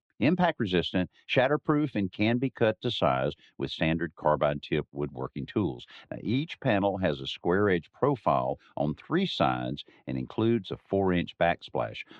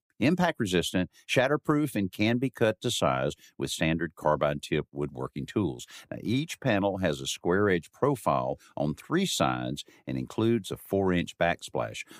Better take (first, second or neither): second